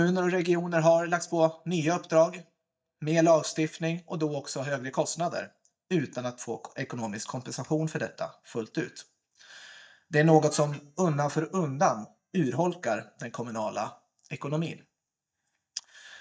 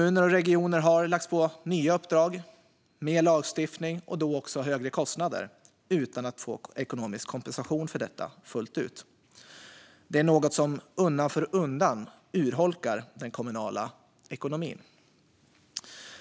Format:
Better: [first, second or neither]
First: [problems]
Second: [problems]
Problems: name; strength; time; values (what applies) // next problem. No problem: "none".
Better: second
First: noise reduction (neural mask model DeepFilterNet 3)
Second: none